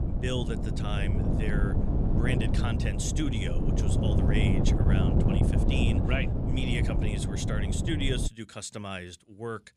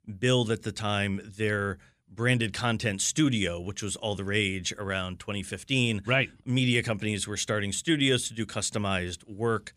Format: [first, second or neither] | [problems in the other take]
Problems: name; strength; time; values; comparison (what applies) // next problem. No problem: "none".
second | wind noise on the microphone; heavy; until 8.5 s; 1 dB below the speech